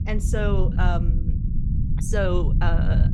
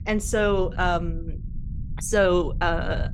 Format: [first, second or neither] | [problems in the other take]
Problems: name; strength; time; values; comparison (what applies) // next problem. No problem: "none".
second | low rumble; loud; throughout; 9 dB below the speech; faint in the second